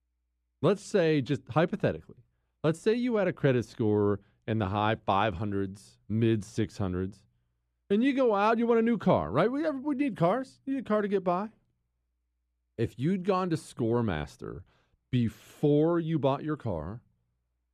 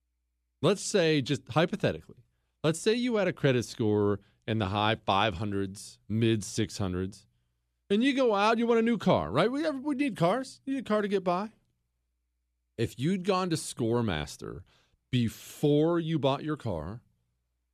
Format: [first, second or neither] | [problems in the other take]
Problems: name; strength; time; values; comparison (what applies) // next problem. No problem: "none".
second | muffled; slightly; fading above 2.5 kHz